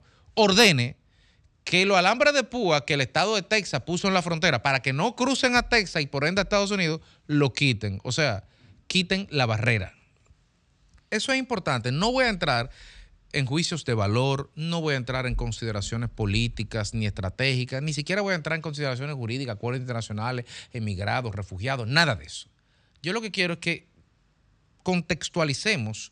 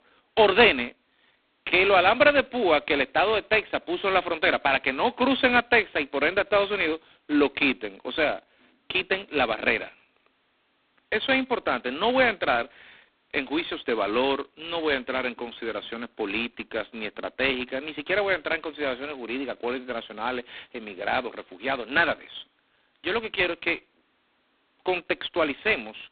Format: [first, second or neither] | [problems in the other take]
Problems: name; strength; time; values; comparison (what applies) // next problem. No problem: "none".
first | phone-call audio; poor line; nothing above 4 kHz